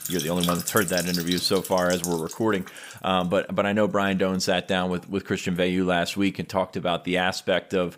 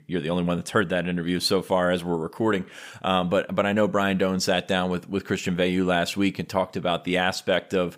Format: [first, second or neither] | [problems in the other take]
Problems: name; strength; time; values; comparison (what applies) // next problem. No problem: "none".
second | household noises; loud; throughout; 6 dB below the speech